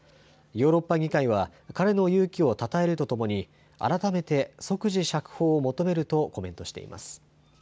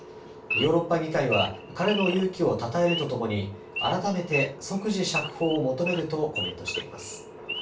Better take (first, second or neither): first